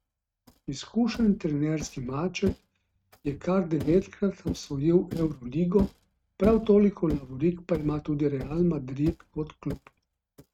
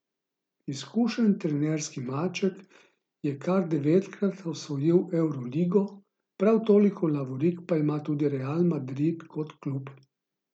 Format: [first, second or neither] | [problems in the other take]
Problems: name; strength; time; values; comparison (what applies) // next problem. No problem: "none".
second | noise reduction (neural mask model RNNoise)